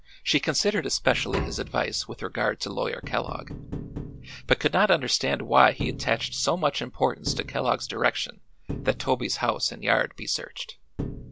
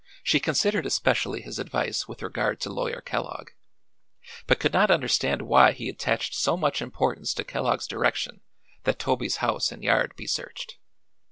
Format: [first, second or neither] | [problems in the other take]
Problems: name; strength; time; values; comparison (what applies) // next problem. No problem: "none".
second | background sound (Tap); 12 dB below the speech